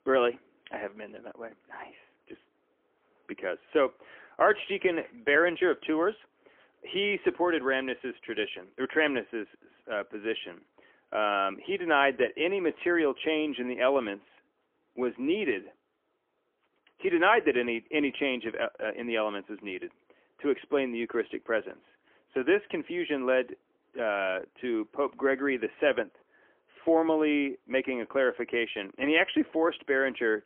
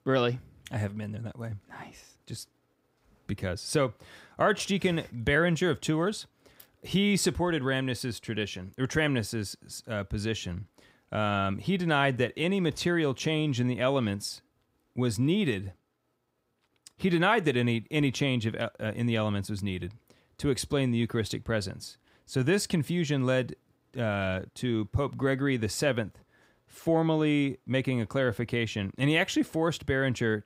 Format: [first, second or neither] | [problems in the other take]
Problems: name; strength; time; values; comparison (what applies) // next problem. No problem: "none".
second | phone-call audio; poor line; nothing above 3.5 kHz